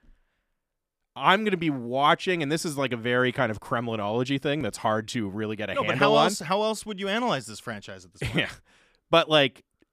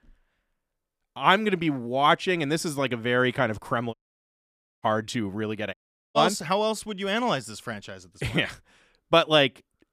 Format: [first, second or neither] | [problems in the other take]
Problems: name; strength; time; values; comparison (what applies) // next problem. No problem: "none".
first | audio cutting out; at 4 s for 1 s and at 5.5 s